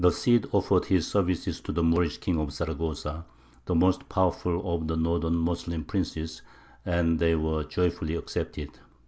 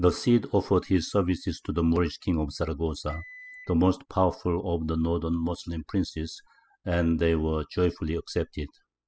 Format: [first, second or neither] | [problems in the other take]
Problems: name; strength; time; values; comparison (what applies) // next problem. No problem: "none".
first | noise reduction (classical method spectral subtraction)